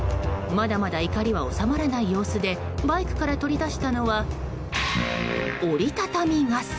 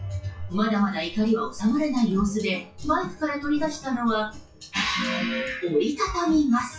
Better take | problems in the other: first | noise reduction (classical method WPE with log-MMSE)

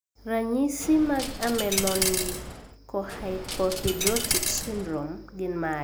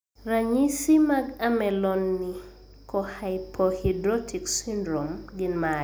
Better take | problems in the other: second | background sound (Coin (dropping)); 3 dB below the speech

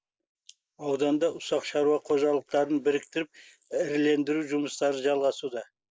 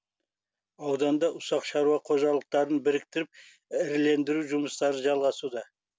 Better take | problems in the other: second | noise reduction (neural mask model Resemble Enhance denoiser)

